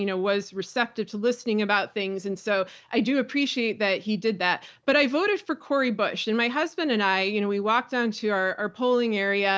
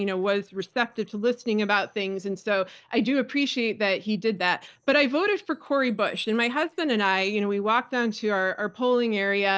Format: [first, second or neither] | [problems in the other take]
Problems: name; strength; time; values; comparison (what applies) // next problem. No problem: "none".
first | noise reduction (neural separator model SepFormer DNS4)